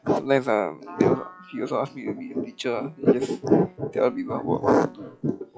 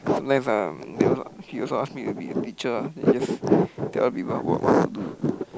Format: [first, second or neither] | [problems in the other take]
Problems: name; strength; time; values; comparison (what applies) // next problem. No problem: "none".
second | noise reduction (classical method log-MMSE)